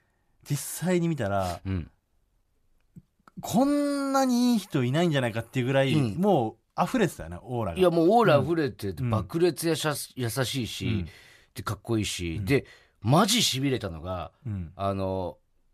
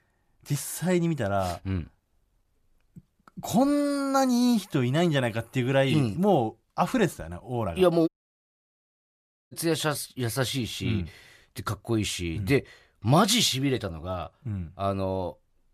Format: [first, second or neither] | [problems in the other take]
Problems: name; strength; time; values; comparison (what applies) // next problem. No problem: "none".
first | audio cutting out; at 8 s for 1.5 s